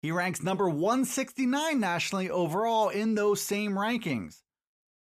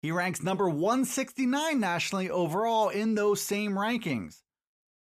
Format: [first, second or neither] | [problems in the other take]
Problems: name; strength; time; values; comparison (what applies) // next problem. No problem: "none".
neither | none